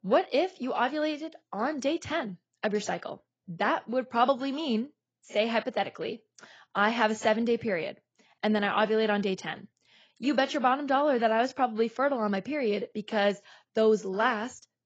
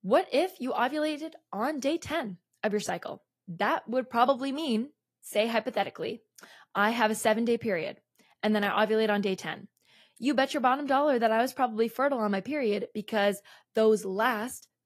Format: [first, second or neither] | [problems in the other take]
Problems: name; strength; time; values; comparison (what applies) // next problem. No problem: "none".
second | garbled, watery; badly; nothing above 7.5 kHz; slightly in the second